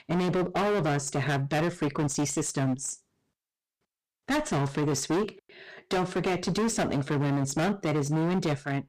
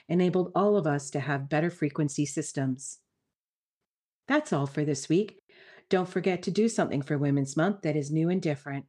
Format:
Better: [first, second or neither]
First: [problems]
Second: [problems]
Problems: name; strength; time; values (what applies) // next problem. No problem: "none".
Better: second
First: distortion; heavy; 26% of the sound clipped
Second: none